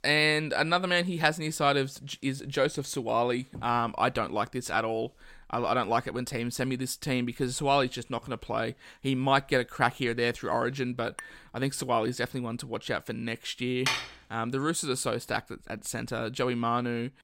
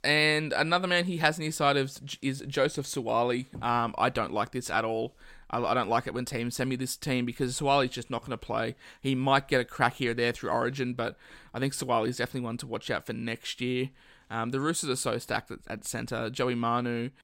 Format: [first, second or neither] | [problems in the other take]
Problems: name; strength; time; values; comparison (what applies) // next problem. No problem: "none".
second | clattering dishes; faint; at 11 s; peak 15 dB below the speech // clattering dishes; noticeable; at 14 s; peak level with the speech